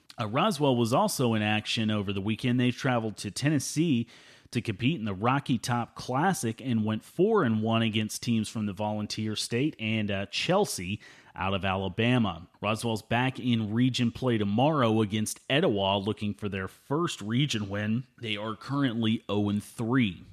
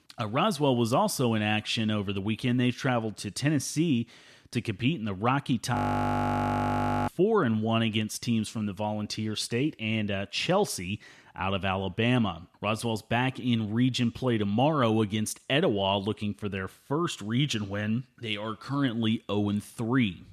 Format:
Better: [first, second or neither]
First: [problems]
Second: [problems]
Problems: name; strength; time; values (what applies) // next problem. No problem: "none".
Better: first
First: none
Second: audio freezing; at 6 s for 1.5 s